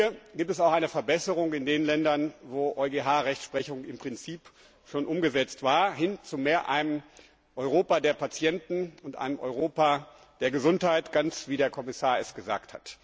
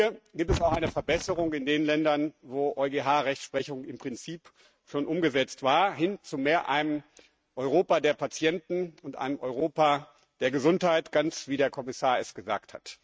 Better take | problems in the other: first | noise reduction (neural mask model RNNoise)

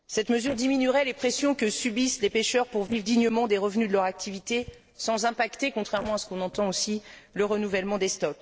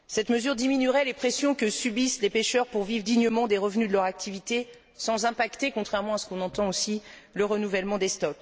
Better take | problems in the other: second | noise reduction (neural separator model SepFormer DNS4)

